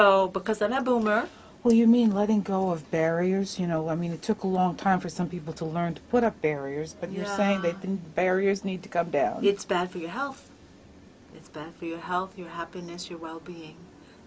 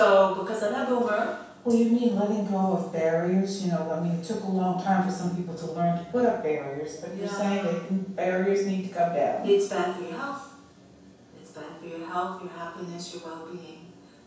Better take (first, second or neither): first